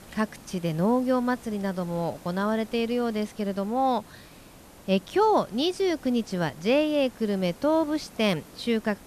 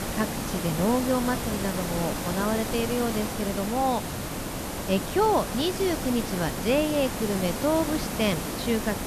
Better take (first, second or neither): first